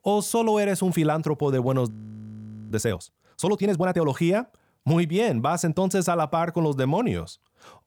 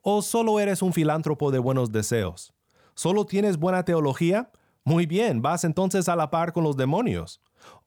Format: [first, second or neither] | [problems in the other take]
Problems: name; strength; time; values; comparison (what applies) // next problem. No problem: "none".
second | audio freezing; at 2 s for 1 s